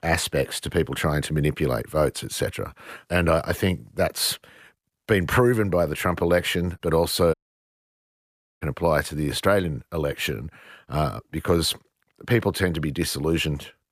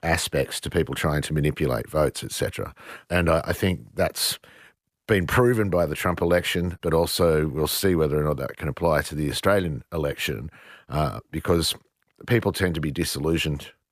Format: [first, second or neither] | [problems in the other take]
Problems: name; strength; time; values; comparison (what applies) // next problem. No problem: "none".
second | audio cutting out; at 7.5 s for 1.5 s